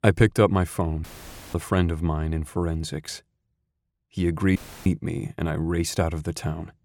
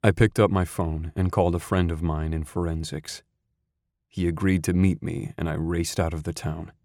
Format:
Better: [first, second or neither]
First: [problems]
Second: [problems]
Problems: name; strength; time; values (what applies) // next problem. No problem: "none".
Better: second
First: audio cutting out; filled with static; at 1 s for 0.5 s and at 4.5 s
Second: none